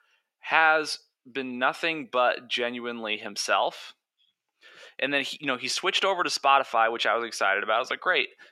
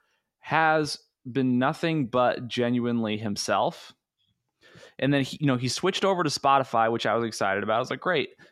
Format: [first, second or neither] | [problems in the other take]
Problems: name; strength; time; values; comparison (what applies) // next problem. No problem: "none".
second | thin; somewhat; fading below 450 Hz